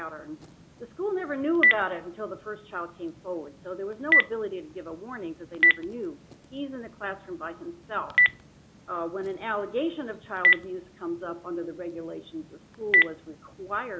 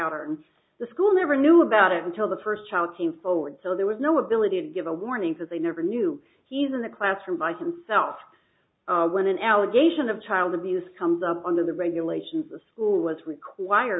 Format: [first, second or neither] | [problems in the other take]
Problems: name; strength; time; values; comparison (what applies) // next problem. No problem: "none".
second | background sound (Telephone); 4 dB above the speech